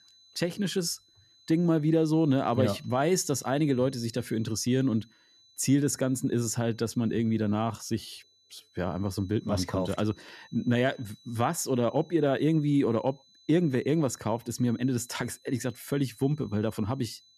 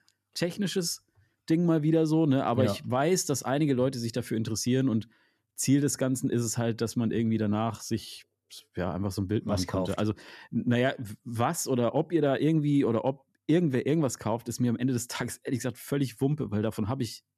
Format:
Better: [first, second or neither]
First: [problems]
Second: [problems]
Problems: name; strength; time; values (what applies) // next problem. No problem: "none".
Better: second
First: high-pitched whine; faint; throughout; 4 kHz, 30 dB below the speech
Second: none